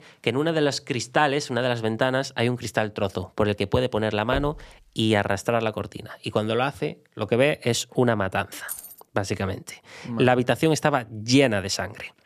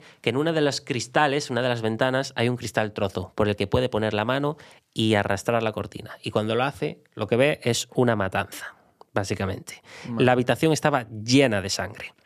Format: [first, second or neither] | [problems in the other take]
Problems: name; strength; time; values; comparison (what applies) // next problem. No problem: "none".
second | door banging; faint; at 4.5 s; peak 10 dB below the speech // jangling keys; faint; at 8.5 s; peak 10 dB below the speech